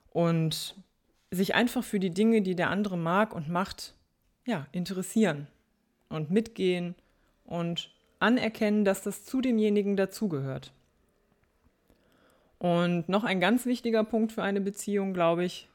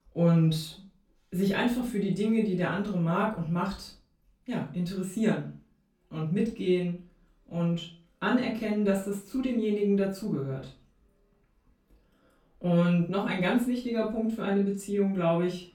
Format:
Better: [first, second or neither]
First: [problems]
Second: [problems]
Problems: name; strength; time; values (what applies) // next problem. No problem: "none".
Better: first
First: none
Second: off-mic speech; far // room echo; slight; dies away in 0.3 s